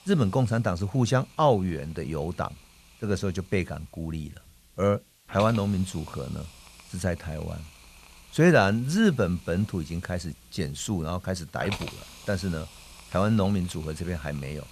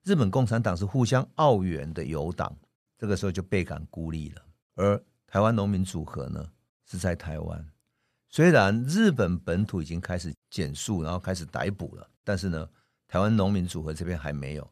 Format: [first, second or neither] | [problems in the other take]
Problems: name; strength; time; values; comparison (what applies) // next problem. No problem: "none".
second | hiss; noticeable; throughout; 20 dB below the speech